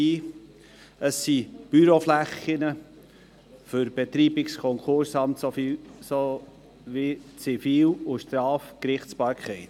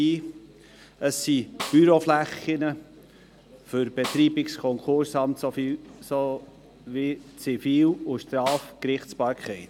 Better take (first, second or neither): first